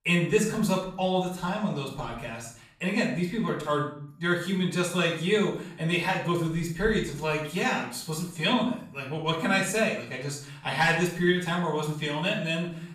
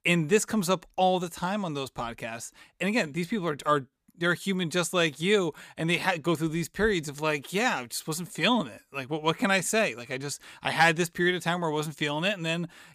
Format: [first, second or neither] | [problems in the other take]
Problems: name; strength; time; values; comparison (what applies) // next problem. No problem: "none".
second | off-mic speech; far // room echo; noticeable; dies away in 0.6 s